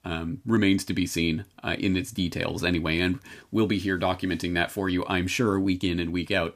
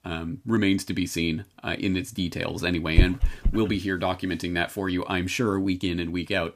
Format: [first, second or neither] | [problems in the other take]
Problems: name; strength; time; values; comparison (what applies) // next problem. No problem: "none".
first | dog barking; loud; at 3 s; peak 3 dB above the speech